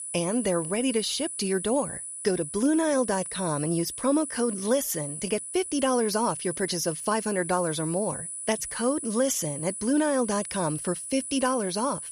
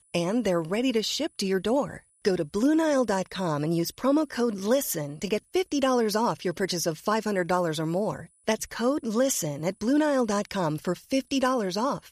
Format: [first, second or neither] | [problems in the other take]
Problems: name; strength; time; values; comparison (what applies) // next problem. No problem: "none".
second | high-pitched whine; loud; throughout; 10 kHz, 6 dB below the speech; faint in the second